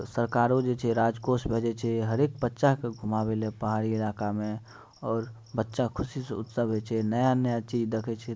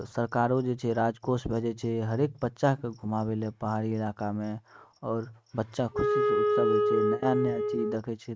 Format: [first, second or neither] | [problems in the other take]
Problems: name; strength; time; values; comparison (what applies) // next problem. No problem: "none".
first | noise reduction (neural mask model RNNoise)